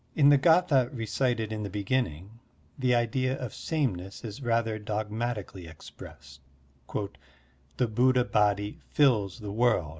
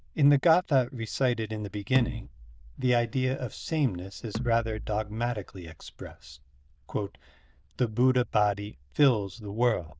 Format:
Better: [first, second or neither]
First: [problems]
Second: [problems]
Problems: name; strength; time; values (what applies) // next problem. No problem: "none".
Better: first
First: none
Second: noise reduction (neural diffusion model UNIVERSE++)